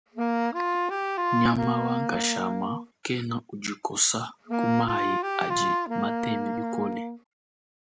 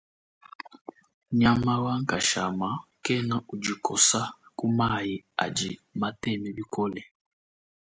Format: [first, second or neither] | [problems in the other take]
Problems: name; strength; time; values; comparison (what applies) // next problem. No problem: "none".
second | background sound (Wind instrument, woodwind instrument); 3 dB above the speech